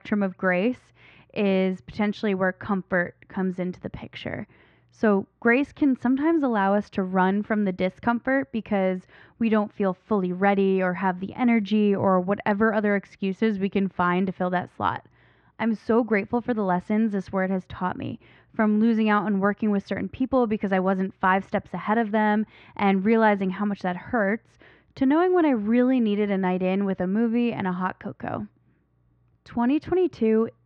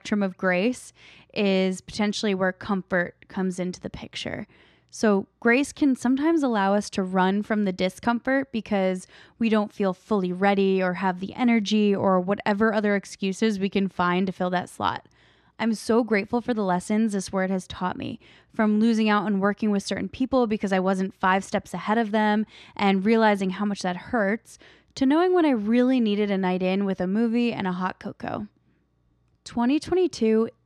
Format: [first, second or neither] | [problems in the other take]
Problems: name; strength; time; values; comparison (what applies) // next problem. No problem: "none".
second | muffled; very; fading above 2 kHz